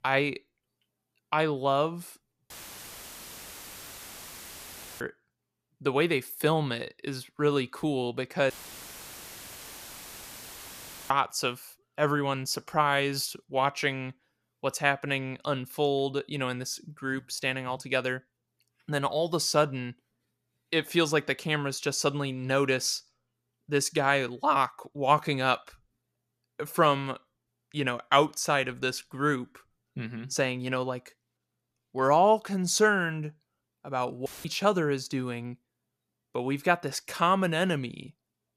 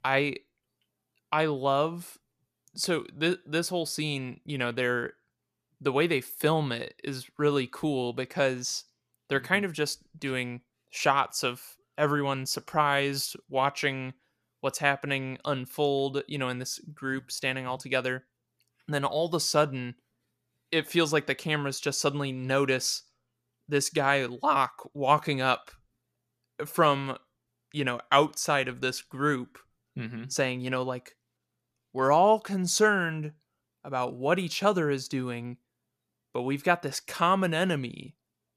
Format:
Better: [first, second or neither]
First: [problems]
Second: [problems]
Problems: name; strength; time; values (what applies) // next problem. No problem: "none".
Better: second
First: audio cutting out; filled with static; at 2.5 s for 2.5 s, at 8.5 s for 2.5 s and at 34 s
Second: none